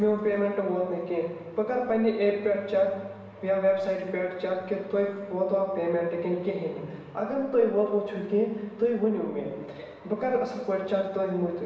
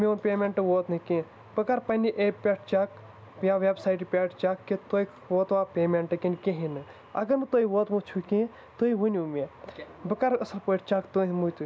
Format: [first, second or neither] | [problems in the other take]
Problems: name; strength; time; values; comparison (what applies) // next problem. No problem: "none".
second | room echo; dies away in 1 s